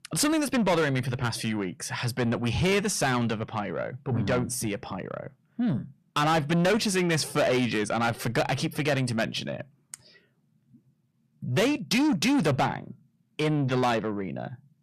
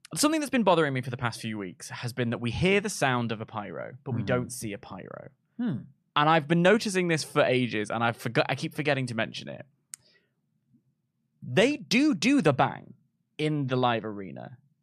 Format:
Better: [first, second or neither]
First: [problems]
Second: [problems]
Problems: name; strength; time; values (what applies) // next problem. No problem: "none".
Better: second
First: distortion; heavy; 7 dB below the speech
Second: none